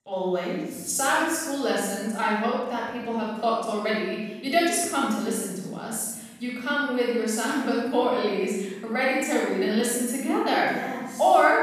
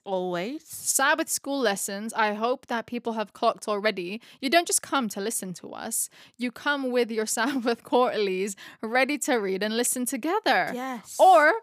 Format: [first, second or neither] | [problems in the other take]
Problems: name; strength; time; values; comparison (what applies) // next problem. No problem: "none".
second | off-mic speech; far // room echo; strong; dies away in 1.3 s